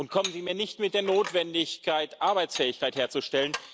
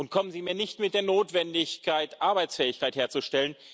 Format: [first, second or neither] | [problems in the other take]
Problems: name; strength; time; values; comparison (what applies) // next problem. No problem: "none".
second | background sound (Dishes, pots, and pans); 14 dB below the speech